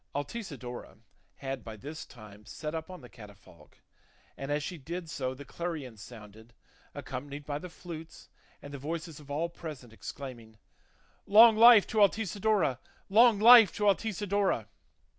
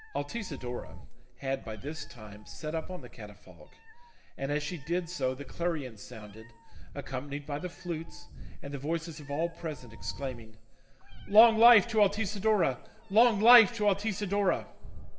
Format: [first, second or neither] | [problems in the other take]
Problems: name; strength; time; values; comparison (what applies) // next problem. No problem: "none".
first | background sound (Meow); 10 dB below the speech // room echo; dies away in 0.9 s